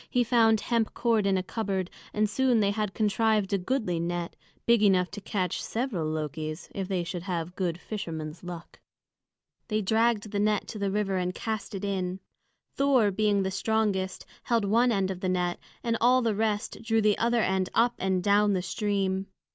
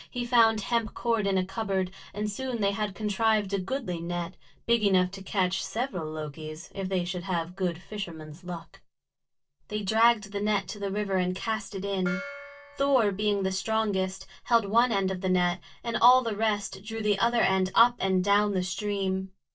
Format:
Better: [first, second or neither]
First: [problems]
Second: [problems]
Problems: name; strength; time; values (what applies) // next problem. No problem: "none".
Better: first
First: none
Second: noise reduction (neural separator model SepFormer DNS4)